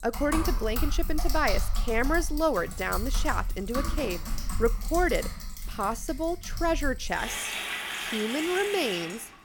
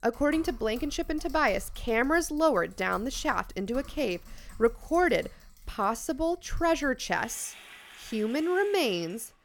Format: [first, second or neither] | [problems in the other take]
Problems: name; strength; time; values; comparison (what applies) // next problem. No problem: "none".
second | household noises; loud; throughout; 4 dB below the speech; faint in the second